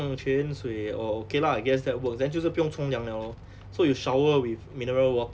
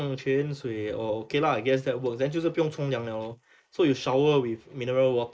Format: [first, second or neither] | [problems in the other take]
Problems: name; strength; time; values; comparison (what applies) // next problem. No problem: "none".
first | noise reduction (neural mask model Resemble Enhance denoiser)